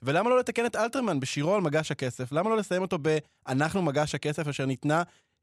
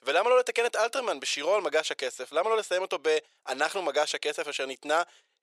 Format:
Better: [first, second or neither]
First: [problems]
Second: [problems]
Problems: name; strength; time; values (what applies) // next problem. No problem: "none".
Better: first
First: none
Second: thin; very; fading below 450 Hz